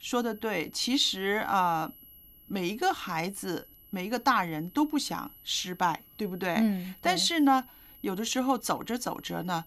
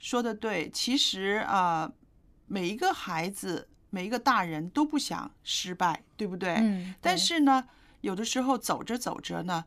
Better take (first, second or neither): second